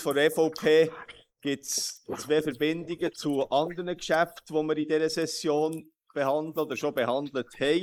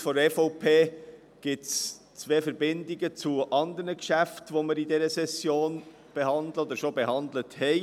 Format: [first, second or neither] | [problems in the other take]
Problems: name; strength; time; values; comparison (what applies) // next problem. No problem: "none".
second | noise reduction (neural mask model Resemble Enhance denoiser)